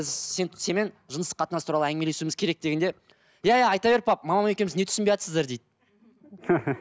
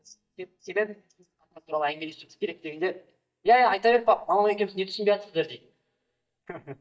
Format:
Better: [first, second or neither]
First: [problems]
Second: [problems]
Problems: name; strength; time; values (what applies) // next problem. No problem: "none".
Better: first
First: none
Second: noise reduction (neural mask model DeepFilterNet 3)